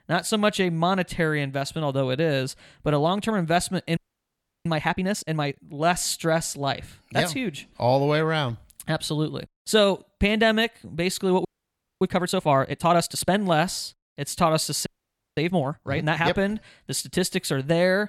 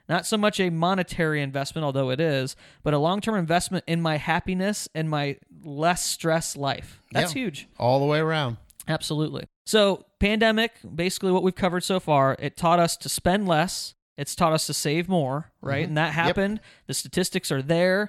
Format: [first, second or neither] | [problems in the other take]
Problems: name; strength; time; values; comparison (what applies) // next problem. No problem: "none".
second | audio freezing; at 4 s for 0.5 s, at 11 s for 0.5 s and at 15 s for 0.5 s